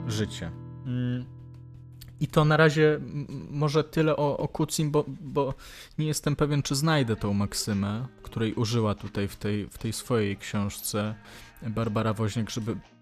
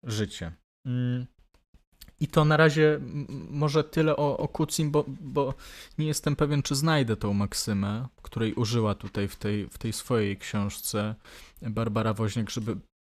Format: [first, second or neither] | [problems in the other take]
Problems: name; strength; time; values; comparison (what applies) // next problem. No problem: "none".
second | background music; faint; throughout; 20 dB below the speech